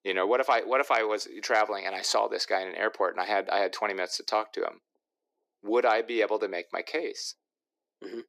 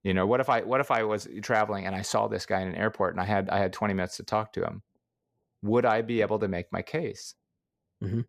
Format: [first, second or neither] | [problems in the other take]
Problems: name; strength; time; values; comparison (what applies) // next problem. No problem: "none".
second | thin; very; fading below 300 Hz